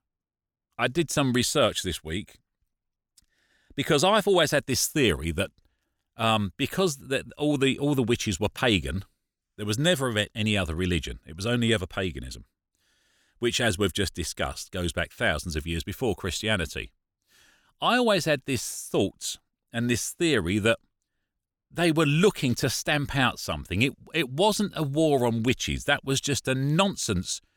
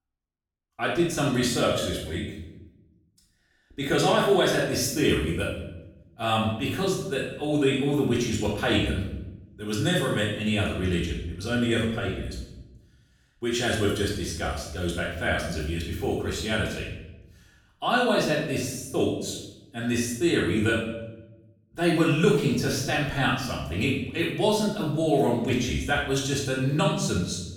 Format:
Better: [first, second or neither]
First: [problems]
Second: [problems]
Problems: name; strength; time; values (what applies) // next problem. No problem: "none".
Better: first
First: none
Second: off-mic speech; far // room echo; noticeable; dies away in 0.8 s